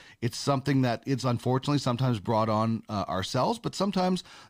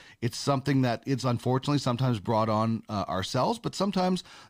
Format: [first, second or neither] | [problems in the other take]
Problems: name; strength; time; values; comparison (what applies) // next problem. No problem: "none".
neither | none